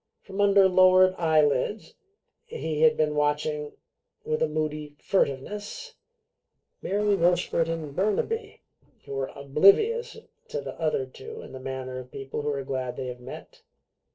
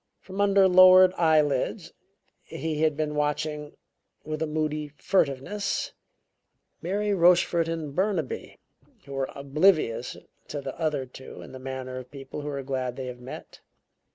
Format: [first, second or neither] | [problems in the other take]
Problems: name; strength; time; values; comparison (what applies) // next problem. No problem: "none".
second | noise reduction (neural separator model SepFormer DNS4)